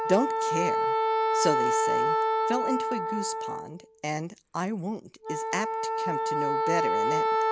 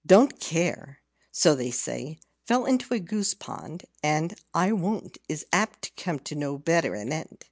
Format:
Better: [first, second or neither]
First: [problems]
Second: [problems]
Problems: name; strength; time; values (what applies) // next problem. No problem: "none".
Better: second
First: background sound (Wind instrument, woodwind instrument); 5 dB above the speech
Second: none